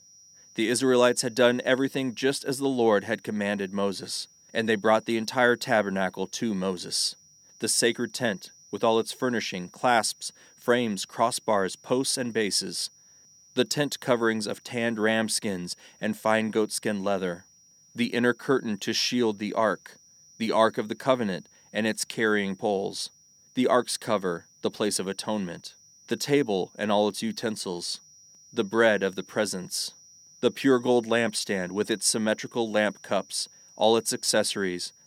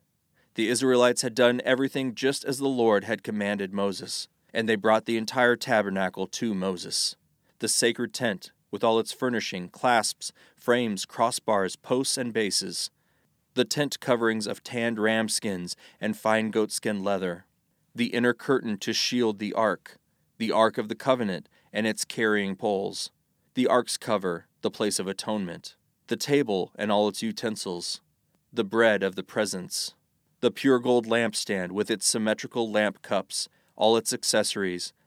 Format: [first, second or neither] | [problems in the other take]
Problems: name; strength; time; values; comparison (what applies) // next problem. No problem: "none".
second | high-pitched whine; faint; throughout; 6 kHz, 25 dB below the speech